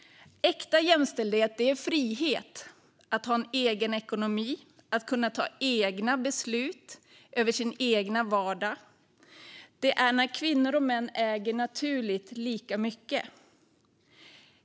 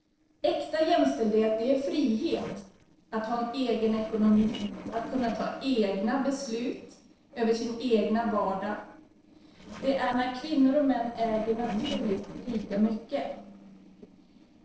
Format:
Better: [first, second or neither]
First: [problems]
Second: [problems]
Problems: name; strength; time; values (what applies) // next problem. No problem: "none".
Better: first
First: none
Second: noise reduction (neural separator model SepFormer DNS4)